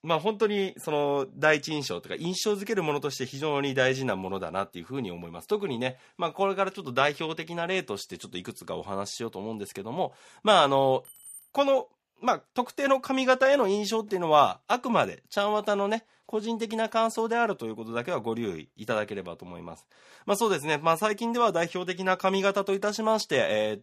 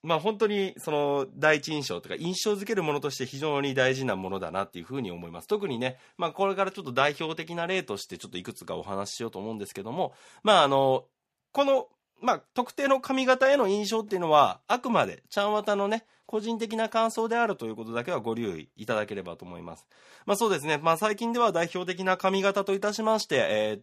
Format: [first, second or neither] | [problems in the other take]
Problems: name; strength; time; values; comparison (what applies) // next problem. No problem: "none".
second | jangling keys; faint; at 11 s; peak 15 dB below the speech